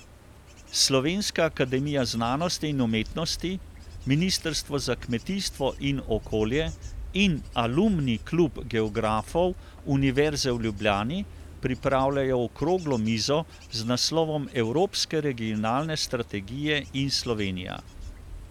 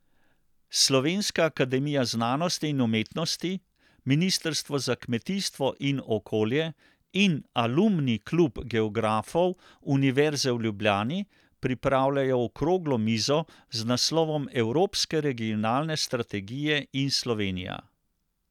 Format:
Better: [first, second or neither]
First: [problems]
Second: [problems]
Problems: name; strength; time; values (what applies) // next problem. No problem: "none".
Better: second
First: background sound (Wind / Bird / Insect); 15 dB below the speech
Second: none